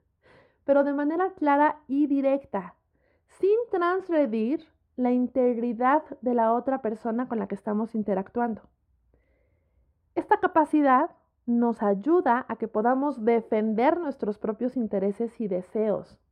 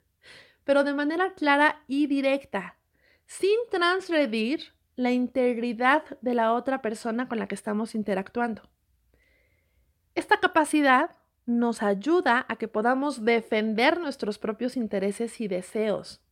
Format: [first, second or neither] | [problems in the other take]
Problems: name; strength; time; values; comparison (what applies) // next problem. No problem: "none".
second | muffled; very; fading above 2 kHz